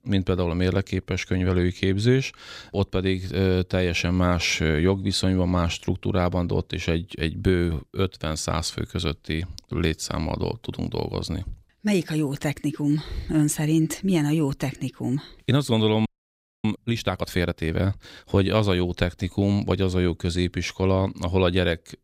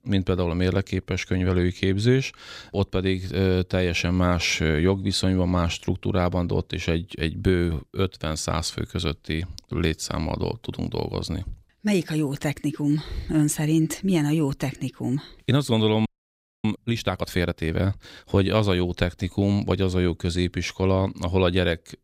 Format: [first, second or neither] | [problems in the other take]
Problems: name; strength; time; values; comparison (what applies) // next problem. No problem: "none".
neither | audio freezing; at 16 s for 0.5 s; the same in both